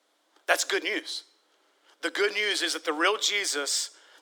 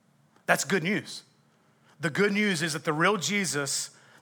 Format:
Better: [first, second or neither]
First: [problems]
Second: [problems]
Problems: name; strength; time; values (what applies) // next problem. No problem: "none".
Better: second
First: thin; very; fading below 300 Hz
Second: none